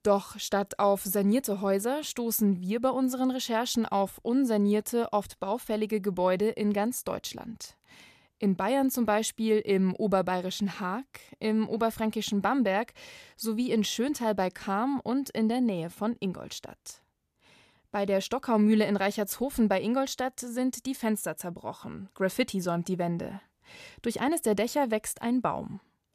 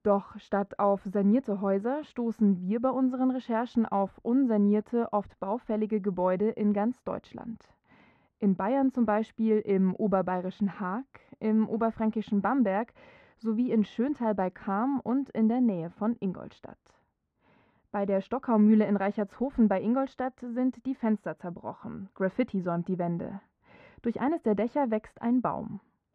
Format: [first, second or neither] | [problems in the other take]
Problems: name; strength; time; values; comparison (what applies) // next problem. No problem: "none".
first | muffled; very; fading above 1.5 kHz